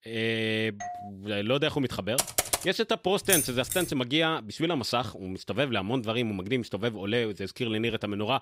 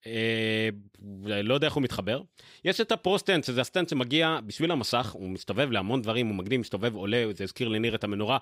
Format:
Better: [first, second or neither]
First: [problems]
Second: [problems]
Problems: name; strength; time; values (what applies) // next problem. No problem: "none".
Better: second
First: doorbell; faint; at 1 s; peak 10 dB below the speech // keyboard typing; loud; at 2 s; peak 2 dB above the speech // jangling keys; loud; at 3.5 s; peak 3 dB above the speech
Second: none